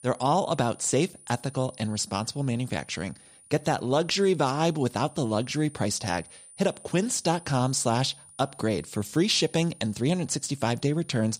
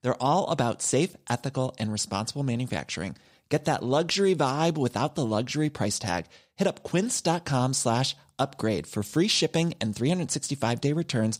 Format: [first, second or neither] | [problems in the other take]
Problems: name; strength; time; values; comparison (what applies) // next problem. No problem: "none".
second | high-pitched whine; faint; throughout; 9.5 kHz, 20 dB below the speech